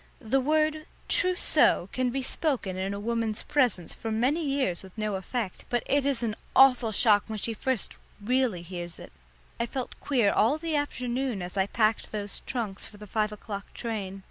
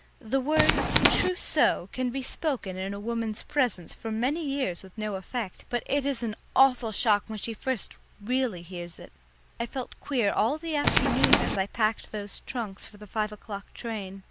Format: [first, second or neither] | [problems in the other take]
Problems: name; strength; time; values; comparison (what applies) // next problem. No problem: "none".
first | background sound (Tools); 5 dB above the speech